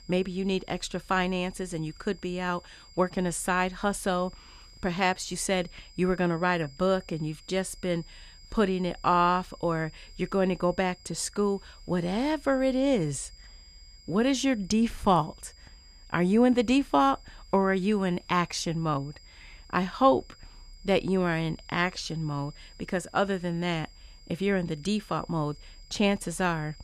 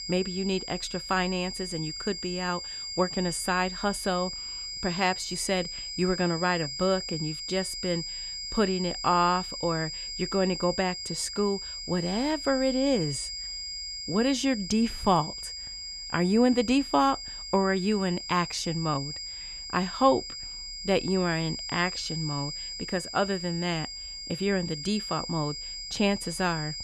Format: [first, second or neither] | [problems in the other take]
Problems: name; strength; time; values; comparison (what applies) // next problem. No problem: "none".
first | high-pitched whine; loud; throughout; 5 kHz, 6 dB below the speech; faint in the first